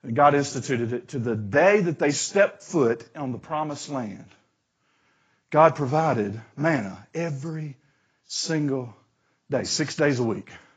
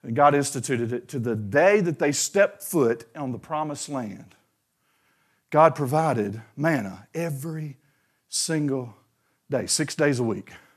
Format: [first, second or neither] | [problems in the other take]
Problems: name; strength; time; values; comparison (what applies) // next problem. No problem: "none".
second | garbled, watery; badly; nothing above 7.5 kHz